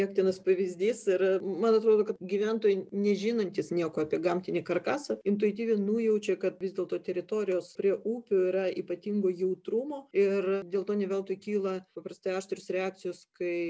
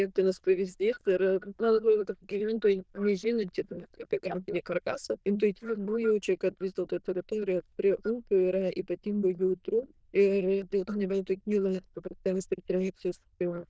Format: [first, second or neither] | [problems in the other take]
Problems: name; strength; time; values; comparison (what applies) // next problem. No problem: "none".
first | noise reduction (neural diffusion model UNIVERSE++)